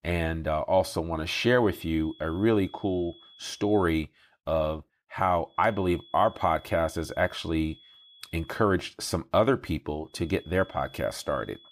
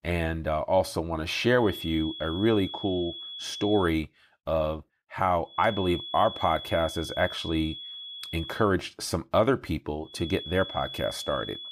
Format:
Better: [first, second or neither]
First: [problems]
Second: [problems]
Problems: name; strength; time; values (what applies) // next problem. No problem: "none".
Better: first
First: high-pitched whine; faint; from 1.5 to 4 s, from 5.5 to 8.5 s and from 10 s on; 3.5 kHz, 25 dB below the speech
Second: high-pitched whine; loud; from 1.5 to 4 s, from 5.5 to 8.5 s and from 10 s on; 3.5 kHz, 10 dB below the speech